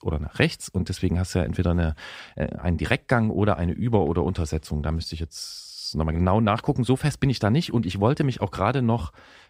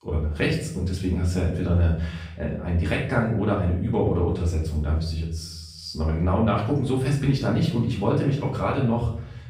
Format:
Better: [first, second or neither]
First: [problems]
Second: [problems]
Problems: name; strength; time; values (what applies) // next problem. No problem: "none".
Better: first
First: none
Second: off-mic speech; far // room echo; noticeable; dies away in 0.6 s